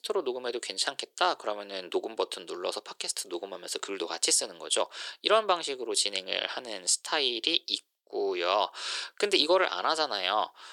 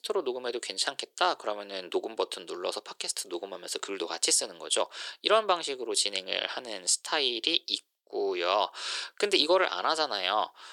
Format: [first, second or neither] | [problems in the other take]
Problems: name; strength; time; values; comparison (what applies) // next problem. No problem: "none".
neither | thin; very; fading below 350 Hz; the same in both